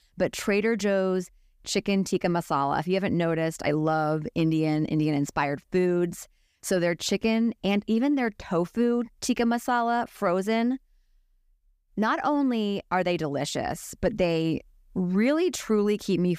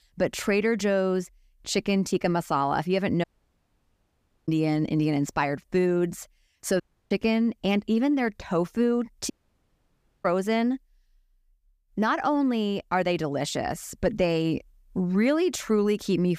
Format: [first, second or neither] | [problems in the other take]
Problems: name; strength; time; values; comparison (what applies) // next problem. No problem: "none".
first | audio cutting out; at 3 s for 1 s, at 7 s and at 9.5 s for 1 s